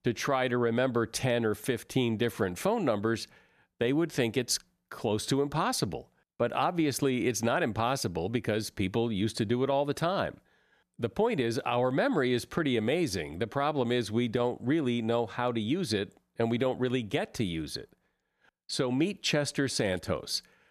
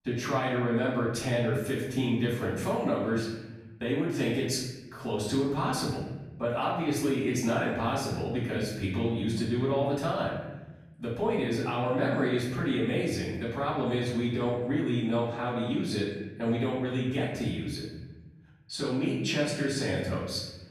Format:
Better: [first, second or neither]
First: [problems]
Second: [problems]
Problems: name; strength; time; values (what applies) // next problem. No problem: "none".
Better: first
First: none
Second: off-mic speech; far // room echo; noticeable; dies away in 1.2 s